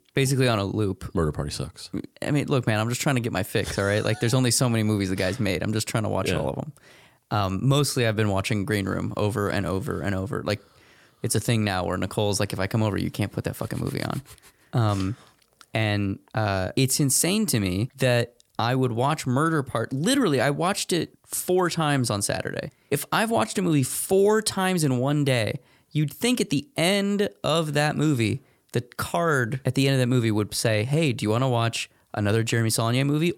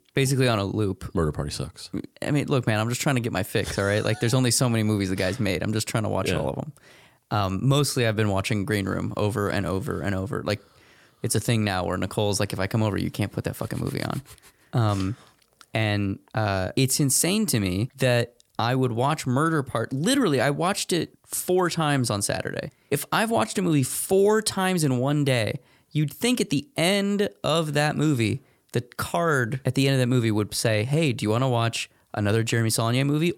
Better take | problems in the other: neither | none

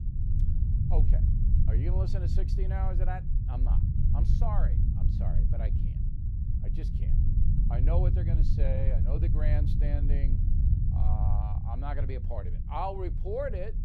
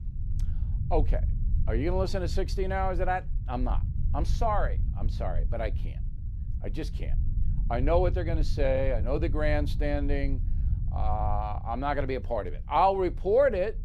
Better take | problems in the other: second | low rumble; loud; throughout; 5 dB below the speech; faint in the second

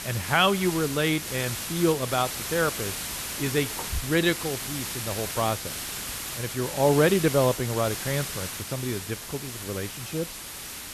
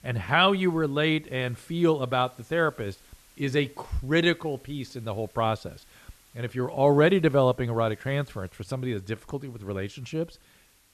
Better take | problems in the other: second | hiss; loud; throughout; 5 dB below the speech; faint in the second

